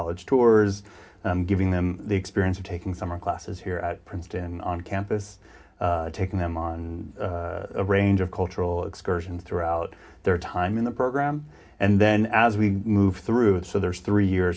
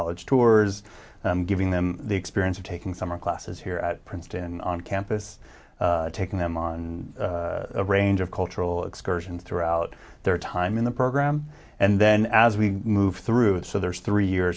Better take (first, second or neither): second